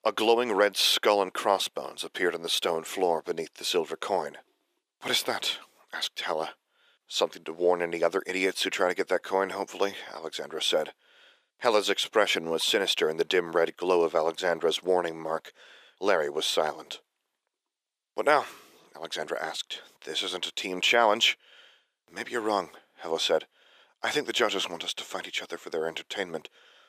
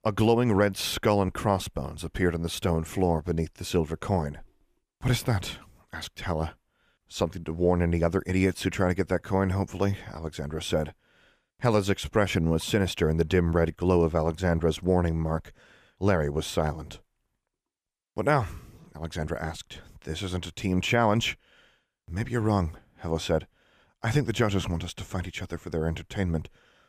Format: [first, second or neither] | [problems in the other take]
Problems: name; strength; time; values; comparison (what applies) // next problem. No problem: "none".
second | thin; very; fading below 400 Hz